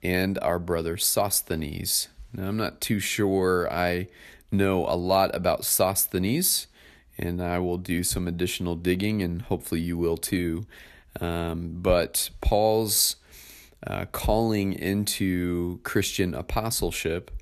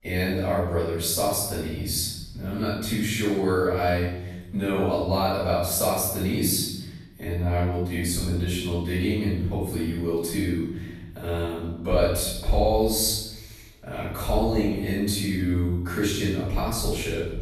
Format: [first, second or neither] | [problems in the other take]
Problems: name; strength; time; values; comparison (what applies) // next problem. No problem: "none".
first | off-mic speech; far // room echo; strong; dies away in 1 s